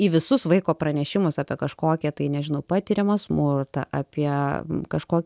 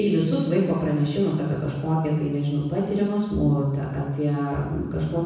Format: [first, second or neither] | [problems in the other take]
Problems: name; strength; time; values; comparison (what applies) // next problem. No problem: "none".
first | room echo; dies away in 1.1 s